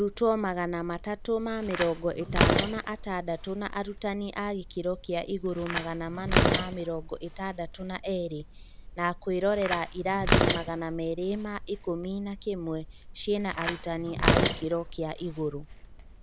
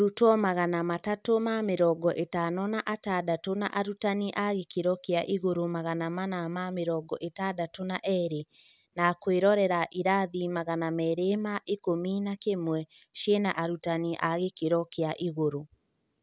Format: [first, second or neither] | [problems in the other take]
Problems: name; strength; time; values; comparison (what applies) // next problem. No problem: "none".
second | background sound (Tearing); 1 dB below the speech